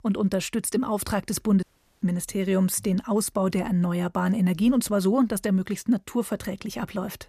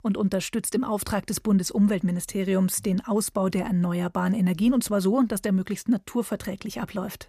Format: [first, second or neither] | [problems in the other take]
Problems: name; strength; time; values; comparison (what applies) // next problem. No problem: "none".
second | audio cutting out; at 1.5 s